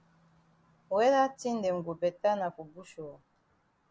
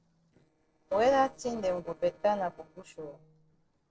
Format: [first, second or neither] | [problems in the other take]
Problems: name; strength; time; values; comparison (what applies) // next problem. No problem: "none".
first | noise reduction (neural separator model SepFormer DNS4)